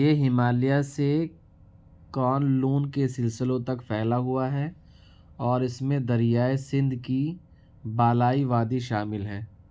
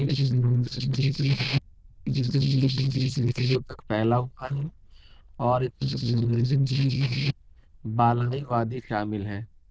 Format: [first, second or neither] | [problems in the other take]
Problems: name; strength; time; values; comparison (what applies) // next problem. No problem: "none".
first | noise reduction (neural diffusion model UNIVERSE++)